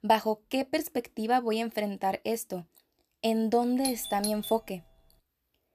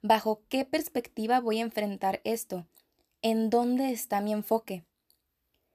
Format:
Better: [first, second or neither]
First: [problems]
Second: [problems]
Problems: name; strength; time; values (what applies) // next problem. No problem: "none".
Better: second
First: doorbell; noticeable; at 4 s; peak 6 dB below the speech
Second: none